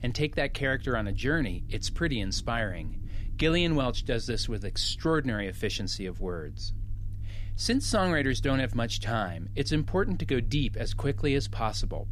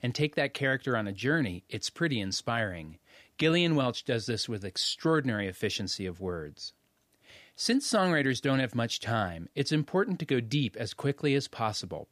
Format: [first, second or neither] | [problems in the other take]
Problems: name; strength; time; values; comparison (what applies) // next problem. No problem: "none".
second | low rumble; faint; throughout; 25 dB below the speech